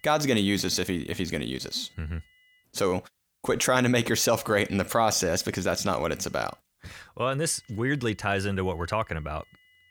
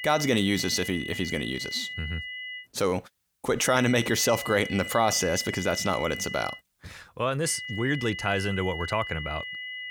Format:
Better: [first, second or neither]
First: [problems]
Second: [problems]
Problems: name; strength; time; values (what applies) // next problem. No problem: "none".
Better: first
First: high-pitched whine; faint; until 2.5 s, from 3.5 to 6.5 s and from 7.5 s on; 2 kHz, 35 dB below the speech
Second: high-pitched whine; loud; until 2.5 s, from 3.5 to 6.5 s and from 7.5 s on; 2 kHz, 8 dB below the speech